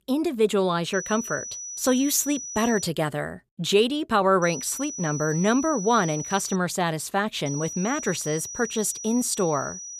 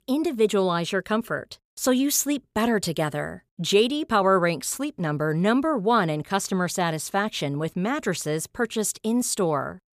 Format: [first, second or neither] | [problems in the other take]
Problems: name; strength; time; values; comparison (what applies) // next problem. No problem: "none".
second | high-pitched whine; loud; from 1 to 3 s, from 4.5 to 6.5 s and from 7.5 s on; 6 kHz, 9 dB below the speech